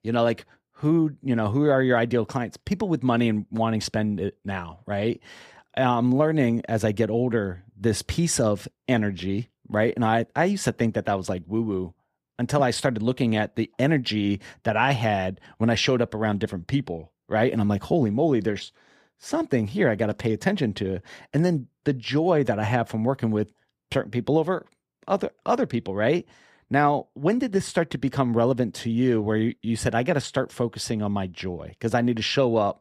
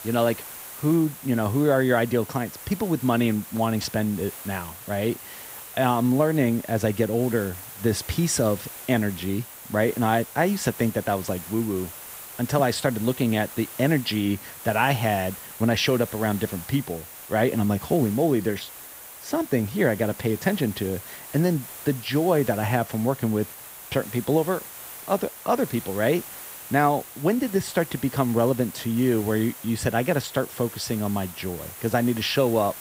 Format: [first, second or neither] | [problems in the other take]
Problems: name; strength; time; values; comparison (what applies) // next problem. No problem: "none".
first | hiss; noticeable; throughout; 15 dB below the speech